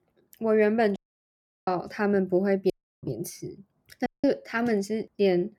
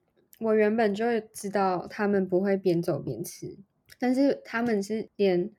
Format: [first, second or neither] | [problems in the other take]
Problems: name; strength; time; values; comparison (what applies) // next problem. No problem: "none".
second | audio cutting out; at 1 s for 0.5 s, at 2.5 s and at 4 s